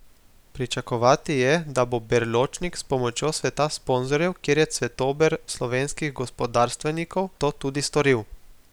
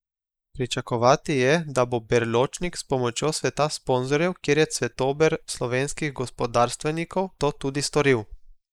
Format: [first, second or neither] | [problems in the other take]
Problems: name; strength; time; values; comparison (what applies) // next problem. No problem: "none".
first | noise reduction (neural mask model Resemble Enhance denoiser)